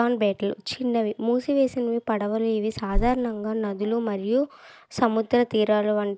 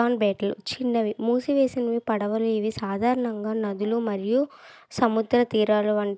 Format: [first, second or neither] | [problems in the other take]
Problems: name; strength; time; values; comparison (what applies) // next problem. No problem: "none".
second | background sound (Bird); 8 dB below the speech